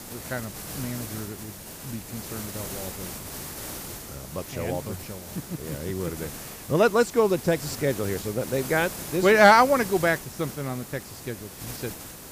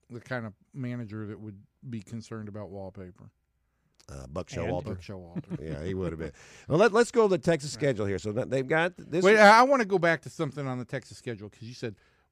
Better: second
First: hiss; noticeable; throughout; 15 dB below the speech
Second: none

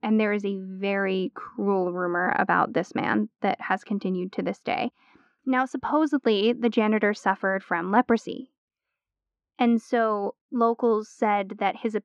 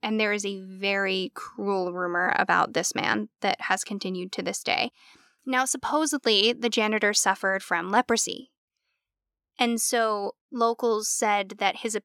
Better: second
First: muffled; very; fading above 2 kHz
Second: none

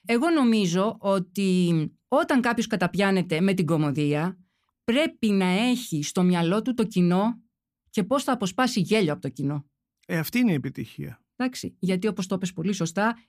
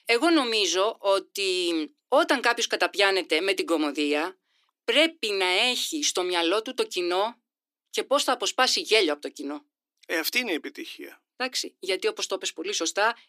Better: first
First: none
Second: thin; very; fading below 300 Hz

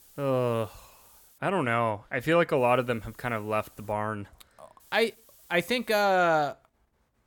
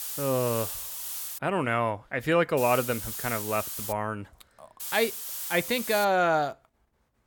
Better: first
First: hiss; faint; until 1.5 s, from 2.5 to 4 s and from 5 to 6 s; 30 dB below the speech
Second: hiss; loud; until 1.5 s, from 2.5 to 4 s and from 5 to 6 s; 6 dB below the speech

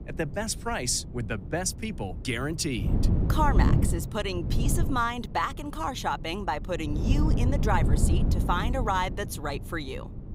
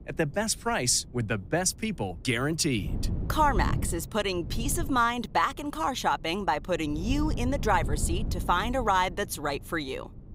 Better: second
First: wind noise on the microphone; heavy; 9 dB below the speech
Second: wind noise on the microphone; occasional gusts; 20 dB below the speech

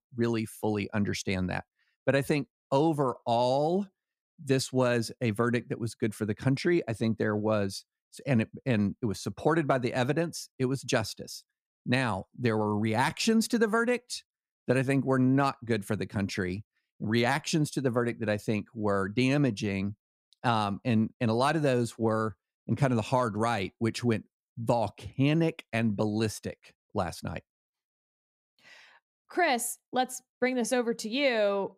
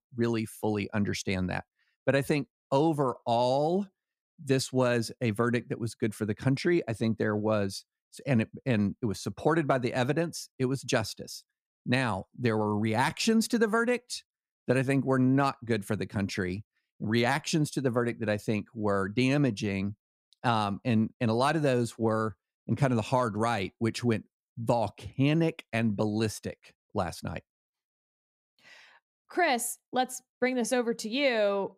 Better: neither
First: none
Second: none

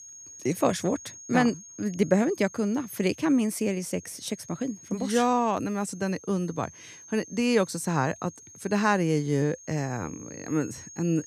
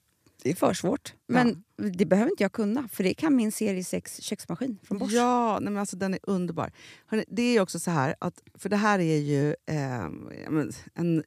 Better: second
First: high-pitched whine; noticeable; throughout; 6.5 kHz, 20 dB below the speech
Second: none

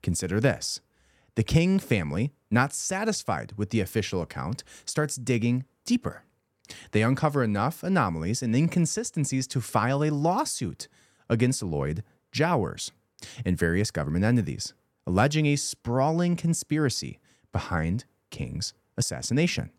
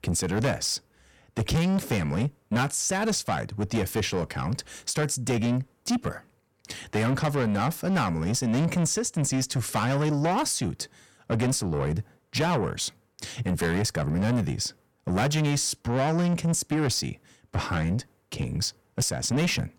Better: first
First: none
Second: distortion; heavy; 7 dB below the speech

